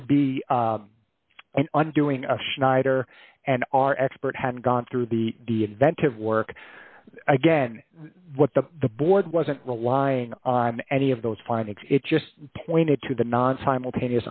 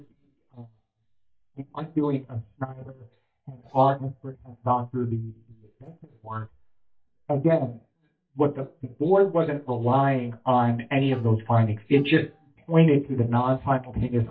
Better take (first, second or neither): first